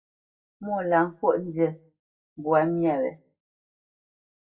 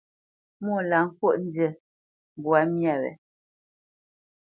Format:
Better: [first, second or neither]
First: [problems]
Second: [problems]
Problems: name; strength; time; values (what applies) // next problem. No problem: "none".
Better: second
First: room echo; dies away in 0.1 s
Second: none